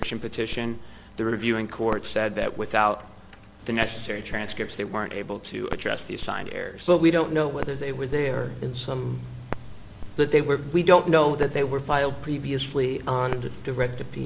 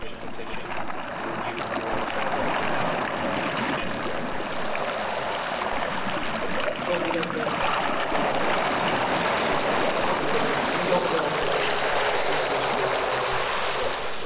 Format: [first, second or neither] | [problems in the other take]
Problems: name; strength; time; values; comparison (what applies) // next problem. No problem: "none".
first | background sound (Waves, surf); 4 dB above the speech // room echo; dies away in 0.9 s